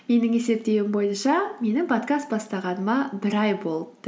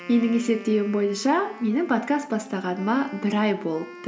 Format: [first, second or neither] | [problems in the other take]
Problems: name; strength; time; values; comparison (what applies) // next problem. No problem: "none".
first | background sound (Wind instrument, woodwind instrument); 18 dB below the speech